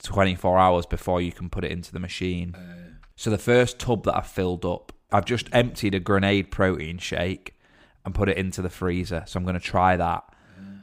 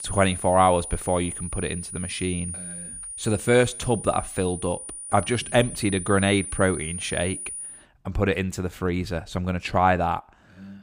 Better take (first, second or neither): first